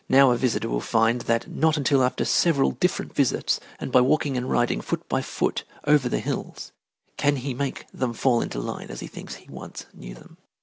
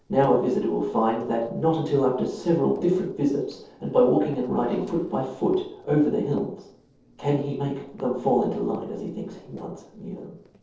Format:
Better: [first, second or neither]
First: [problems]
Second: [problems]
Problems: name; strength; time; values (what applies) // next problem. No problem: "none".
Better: first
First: none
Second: noise reduction (neural separator model SepFormer DNS4)